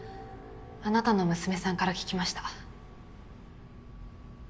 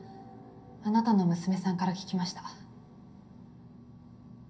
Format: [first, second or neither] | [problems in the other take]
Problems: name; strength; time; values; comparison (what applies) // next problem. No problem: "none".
first | room echo; dies away in 0.3 s